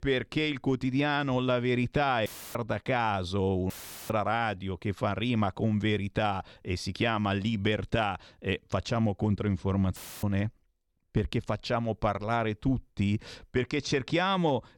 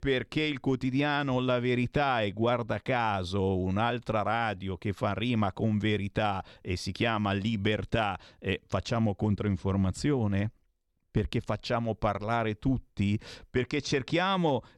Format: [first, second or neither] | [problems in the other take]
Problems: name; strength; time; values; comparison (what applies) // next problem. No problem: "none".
second | audio cutting out; filled with static; at 2.5 s, at 3.5 s and at 10 s